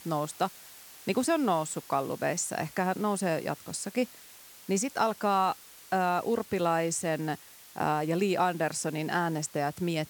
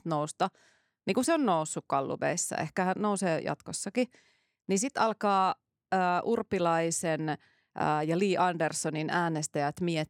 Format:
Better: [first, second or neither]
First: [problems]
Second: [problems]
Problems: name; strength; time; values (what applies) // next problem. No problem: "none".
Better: second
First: hiss; noticeable; throughout; 20 dB below the speech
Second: none